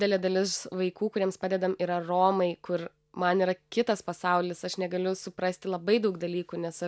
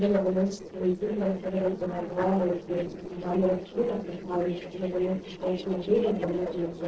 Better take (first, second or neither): first